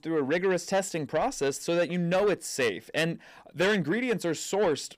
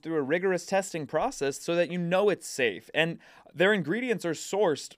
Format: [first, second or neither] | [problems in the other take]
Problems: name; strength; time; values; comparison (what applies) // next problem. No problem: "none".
second | distortion; slight; 10 dB below the speech